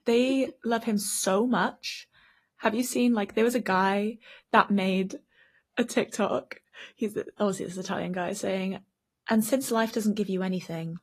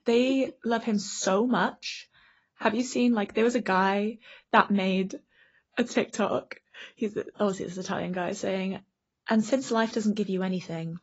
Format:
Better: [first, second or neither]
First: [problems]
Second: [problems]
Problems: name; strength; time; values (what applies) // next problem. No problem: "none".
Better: first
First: garbled, watery; slightly; nothing above 12 kHz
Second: garbled, watery; badly; nothing above 7.5 kHz